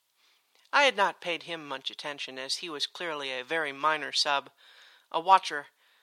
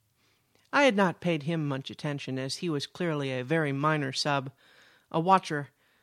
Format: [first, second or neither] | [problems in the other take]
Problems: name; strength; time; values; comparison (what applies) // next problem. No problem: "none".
second | thin; very; fading below 600 Hz